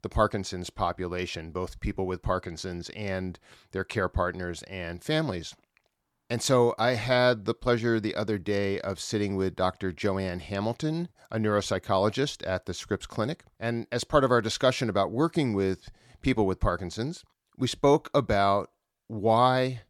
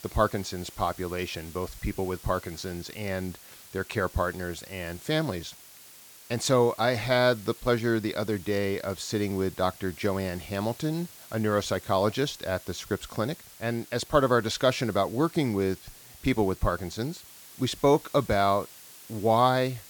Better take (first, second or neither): first